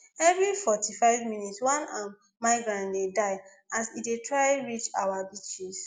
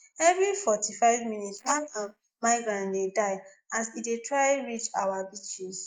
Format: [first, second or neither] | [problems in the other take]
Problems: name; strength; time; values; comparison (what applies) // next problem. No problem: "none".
first | noise reduction (neural mask model Resemble Enhance denoiser)